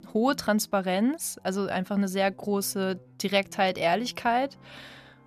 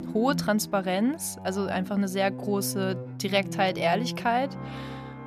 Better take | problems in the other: first | background music; loud; throughout; 9 dB below the speech; faint in the first

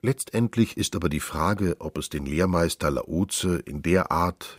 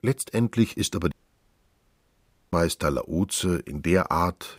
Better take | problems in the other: first | audio cutting out; at 1 s for 1.5 s

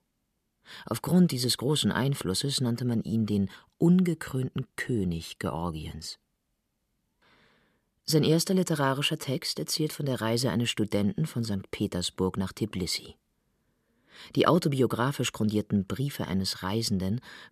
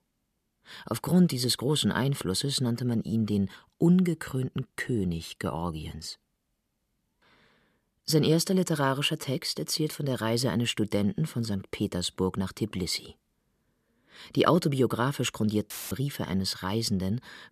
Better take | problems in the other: first | audio cutting out; filled with static; at 16 s

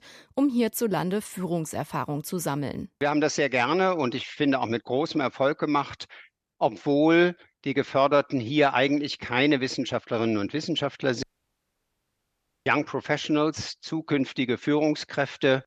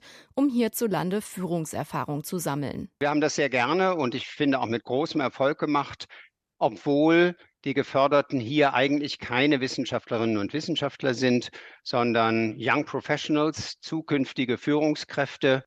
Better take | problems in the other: second | audio cutting out; at 11 s for 1.5 s

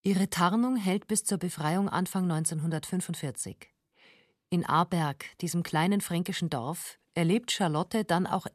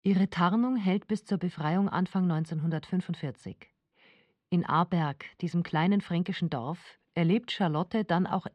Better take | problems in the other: first | muffled; slightly; fading above 3.5 kHz

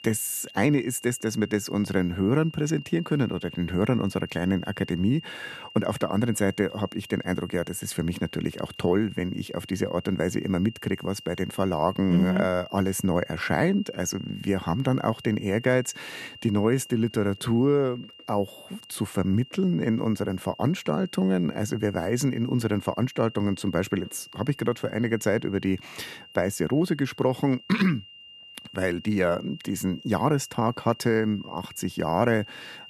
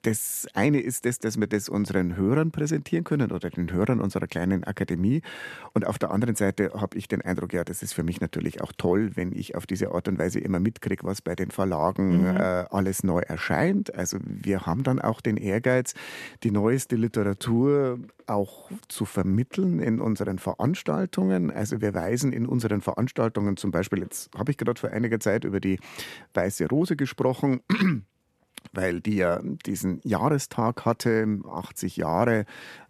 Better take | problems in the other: second | high-pitched whine; noticeable; throughout; 3 kHz, 20 dB below the speech

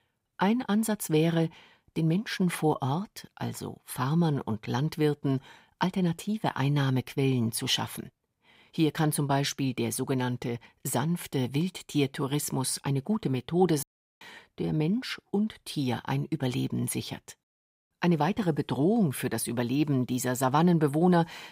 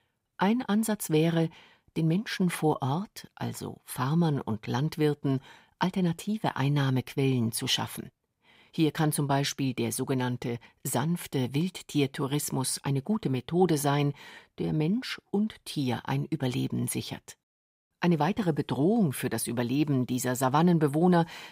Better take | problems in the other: second | audio cutting out; at 14 s

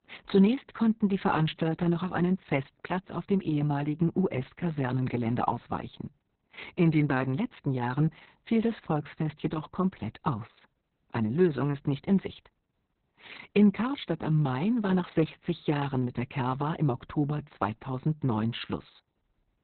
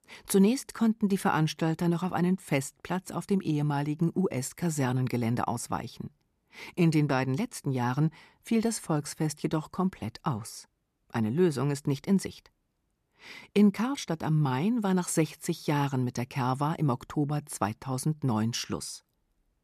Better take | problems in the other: second | garbled, watery; badly; nothing above 4 kHz

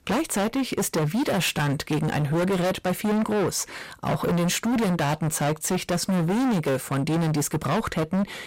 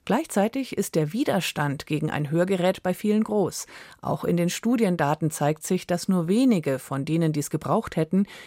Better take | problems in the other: second | distortion; heavy; 31% of the sound clipped

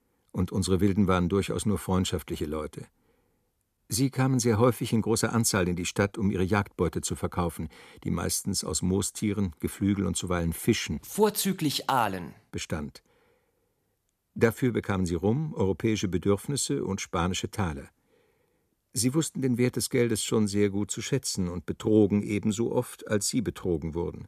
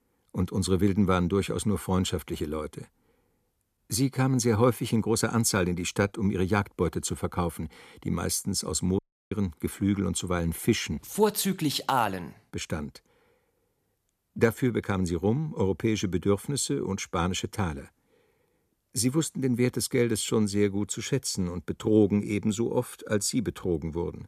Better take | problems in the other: first | audio cutting out; at 9 s

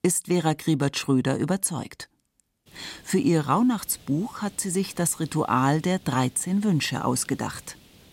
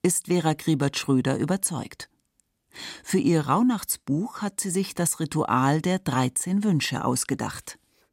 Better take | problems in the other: second | hiss; faint; from 2.5 s on; 25 dB below the speech

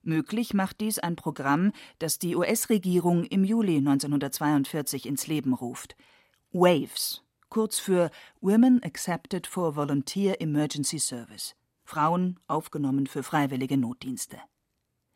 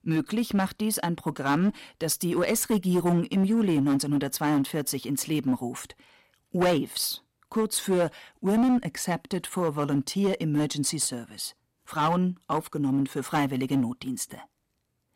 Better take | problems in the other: first | distortion; slight; 7% of the sound clipped

